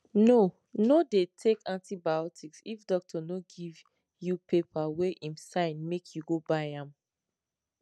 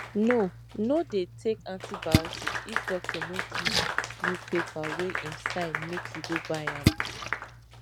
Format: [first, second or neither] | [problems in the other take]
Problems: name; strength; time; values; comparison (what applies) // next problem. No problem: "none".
first | background sound (Splash, splatter + Applause / Clapping); as loud as the speech